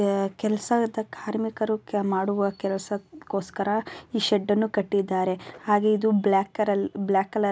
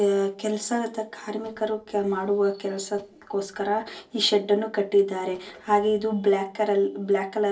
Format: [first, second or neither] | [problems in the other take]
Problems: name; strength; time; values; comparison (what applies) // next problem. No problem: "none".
first | noise reduction (neural separator model SepFormer DNS4)